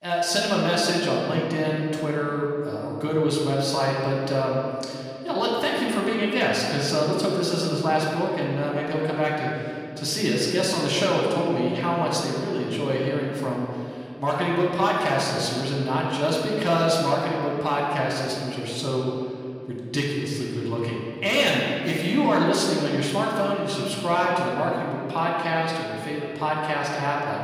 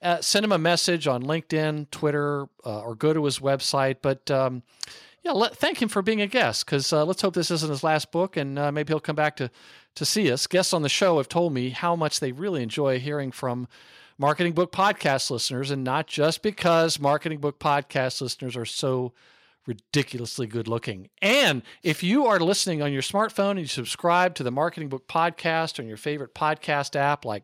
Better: second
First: off-mic speech; far // room echo; noticeable; dies away in 2.3 s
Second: none

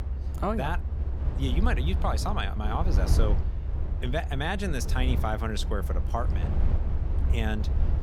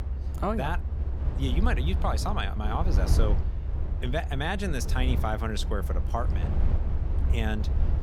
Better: neither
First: low rumble; noticeable; throughout; 10 dB below the speech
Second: low rumble; noticeable; throughout; 10 dB below the speech

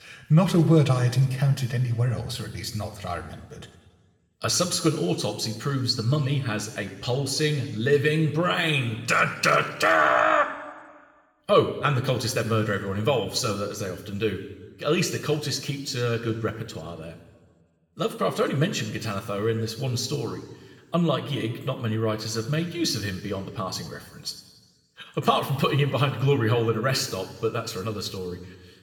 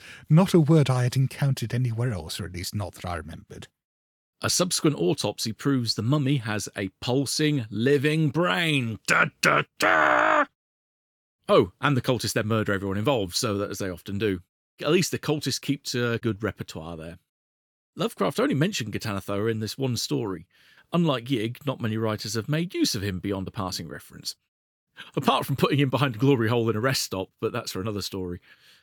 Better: second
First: room echo; slight; dies away in 1.1 s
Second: none

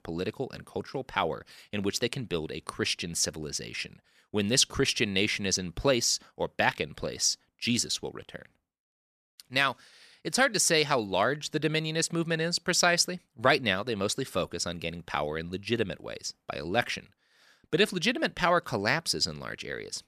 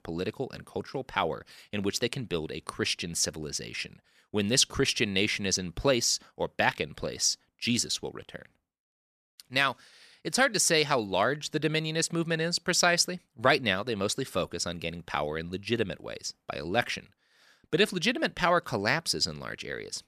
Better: neither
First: none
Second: none

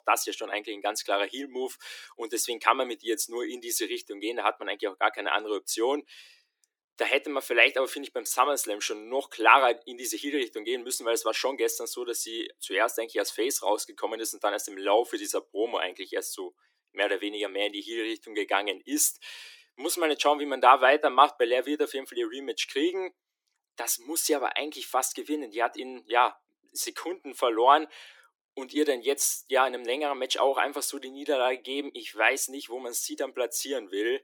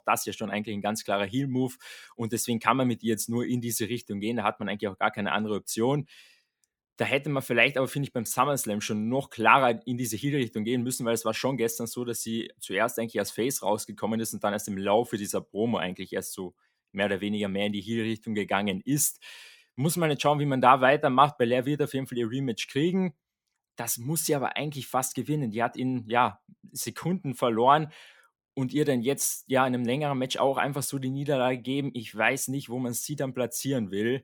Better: second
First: thin; somewhat; fading below 300 Hz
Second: none

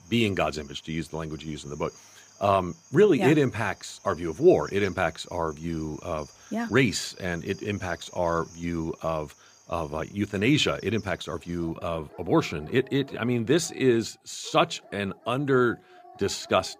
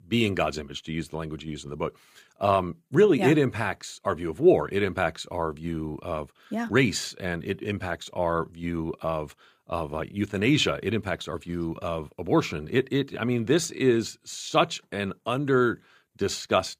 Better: second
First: animal sounds; faint; throughout; 25 dB below the speech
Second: none

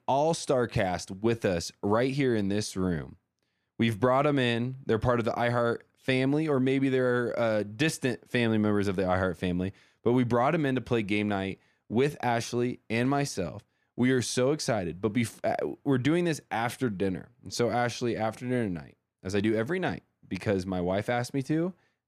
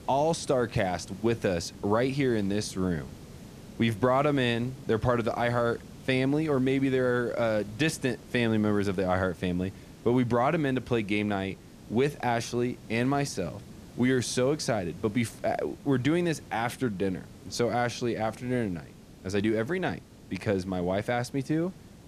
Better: first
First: none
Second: hiss; noticeable; throughout; 20 dB below the speech

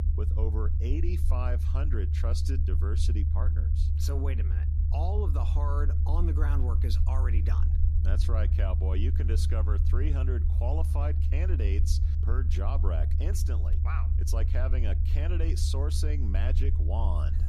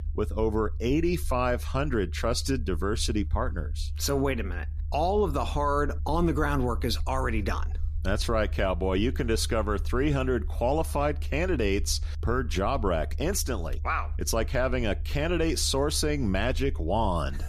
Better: second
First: low rumble; loud; throughout; 5 dB below the speech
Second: low rumble; faint; throughout; 25 dB below the speech

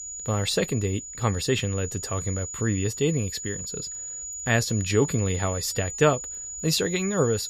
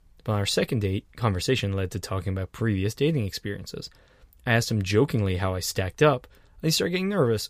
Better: second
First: high-pitched whine; loud; throughout; 7 kHz, 7 dB below the speech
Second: none

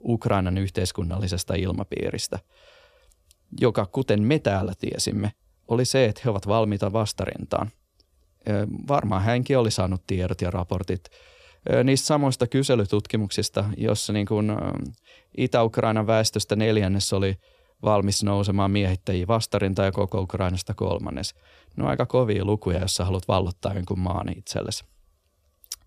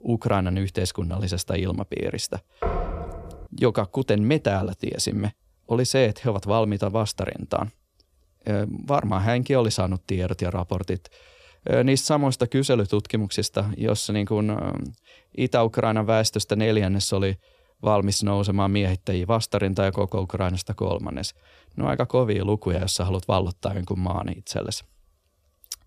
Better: first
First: none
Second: door banging; noticeable; at 2.5 s; peak 4 dB below the speech

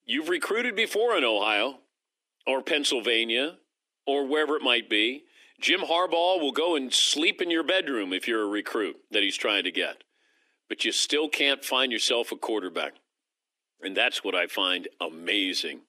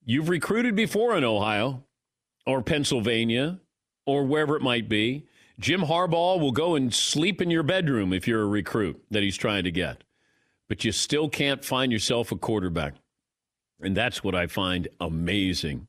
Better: second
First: thin; somewhat; fading below 300 Hz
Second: none

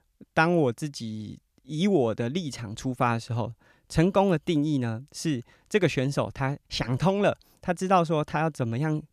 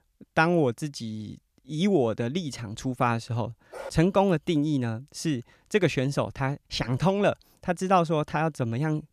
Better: first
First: none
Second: dog barking; faint; at 3.5 s; peak 15 dB below the speech

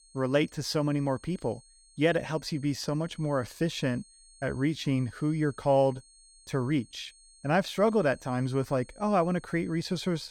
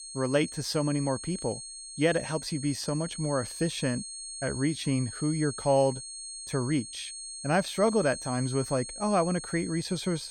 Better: first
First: high-pitched whine; faint; throughout; 8.5 kHz, 25 dB below the speech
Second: high-pitched whine; loud; throughout; 8.5 kHz, 9 dB below the speech

